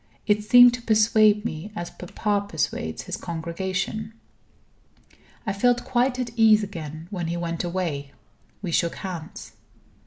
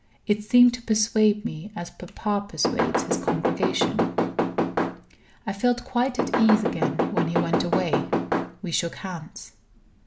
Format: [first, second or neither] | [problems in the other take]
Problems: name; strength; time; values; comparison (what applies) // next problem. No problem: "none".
first | background sound (Knock / Wood); 1 dB above the speech